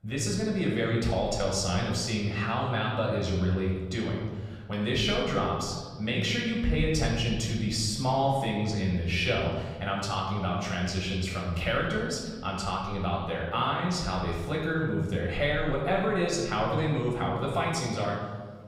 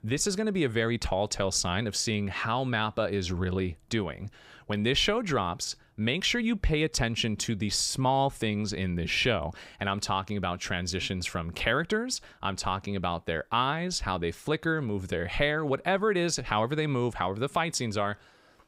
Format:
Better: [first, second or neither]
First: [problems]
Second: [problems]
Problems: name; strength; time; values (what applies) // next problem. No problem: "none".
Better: second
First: off-mic speech; far // room echo; noticeable; dies away in 1.4 s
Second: none